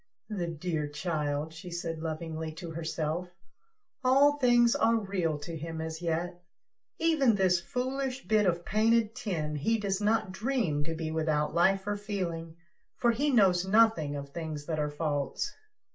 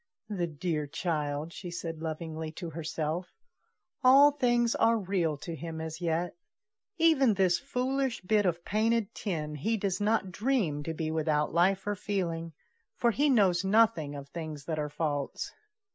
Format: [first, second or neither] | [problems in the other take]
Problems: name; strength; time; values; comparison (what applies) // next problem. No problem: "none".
second | room echo; dies away in 0.2 s